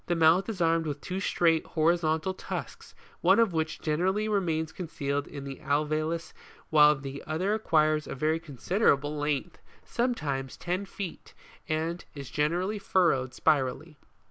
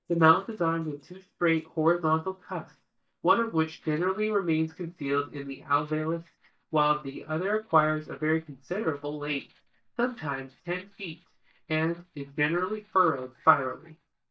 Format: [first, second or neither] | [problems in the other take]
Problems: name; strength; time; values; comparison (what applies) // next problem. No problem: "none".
first | noise reduction (neural mask model DeepFilterNet 3)